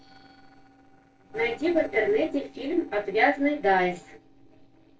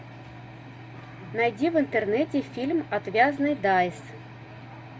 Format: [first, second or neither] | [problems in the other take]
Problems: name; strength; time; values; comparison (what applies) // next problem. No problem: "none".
second | noise reduction (neural separator model SepFormer DNS4)